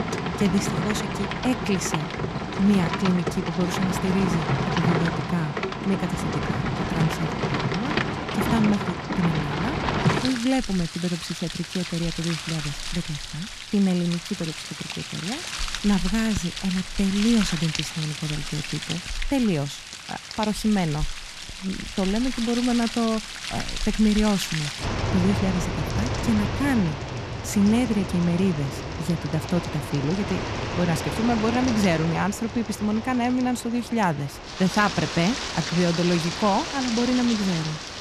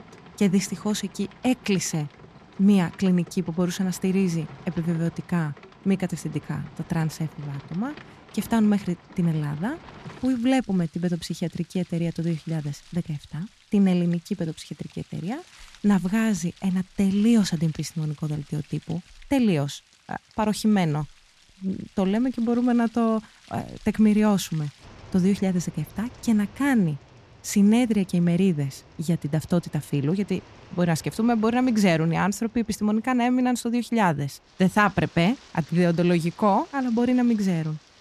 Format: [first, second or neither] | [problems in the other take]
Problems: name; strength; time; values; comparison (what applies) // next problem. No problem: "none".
second | rain or running water; loud; throughout; 4 dB below the speech; faint in the second